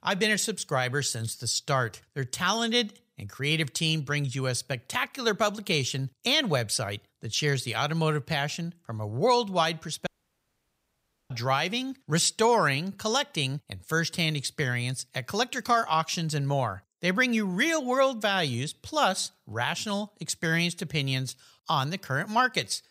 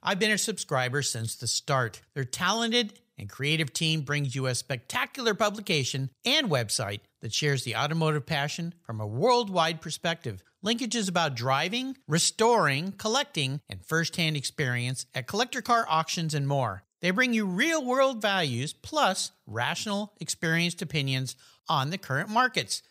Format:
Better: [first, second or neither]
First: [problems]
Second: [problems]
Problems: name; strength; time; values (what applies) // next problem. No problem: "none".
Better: second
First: audio cutting out; at 10 s for 1 s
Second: none